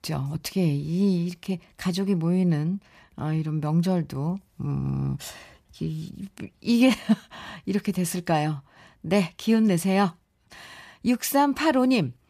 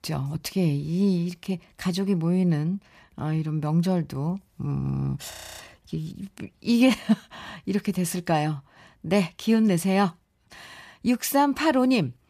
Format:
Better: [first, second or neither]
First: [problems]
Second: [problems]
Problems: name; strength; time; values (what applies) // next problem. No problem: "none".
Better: first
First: none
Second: audio freezing; at 5.5 s